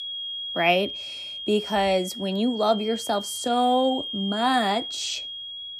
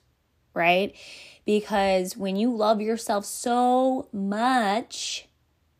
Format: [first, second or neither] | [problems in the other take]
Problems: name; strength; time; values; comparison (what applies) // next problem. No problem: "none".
second | high-pitched whine; loud; throughout; 3 kHz, 7 dB below the speech